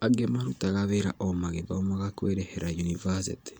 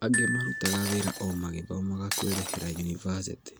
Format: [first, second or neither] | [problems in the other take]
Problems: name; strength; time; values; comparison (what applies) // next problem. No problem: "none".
first | background sound (Shatter + Glockenspiel); 3 dB below the speech